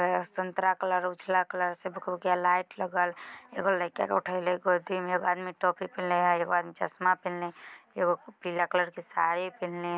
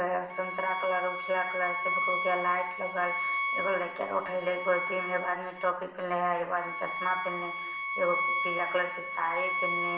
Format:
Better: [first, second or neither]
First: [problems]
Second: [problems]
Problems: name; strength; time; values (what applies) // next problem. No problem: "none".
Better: first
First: none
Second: background sound (Bowed string instrument); 2 dB below the speech // room echo; dies away in 0.8 s